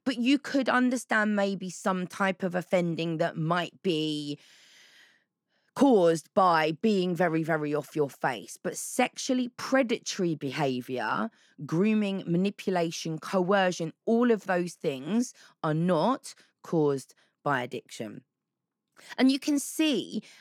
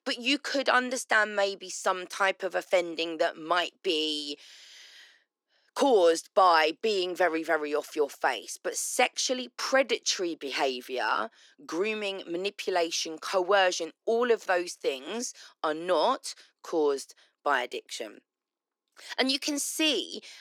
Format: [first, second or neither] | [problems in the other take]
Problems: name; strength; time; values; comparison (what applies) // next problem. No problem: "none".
first | thin; somewhat; fading below 350 Hz